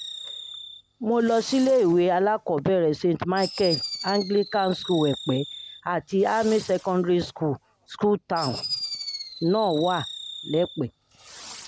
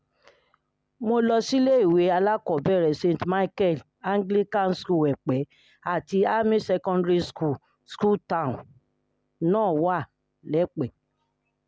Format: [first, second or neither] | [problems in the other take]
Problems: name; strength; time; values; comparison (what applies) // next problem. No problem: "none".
second | background sound (Fireworks); 13 dB below the speech